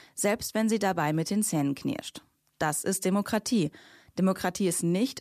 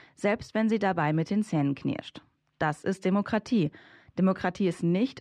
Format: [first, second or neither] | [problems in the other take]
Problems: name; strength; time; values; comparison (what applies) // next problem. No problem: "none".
first | muffled; slightly; fading above 2.5 kHz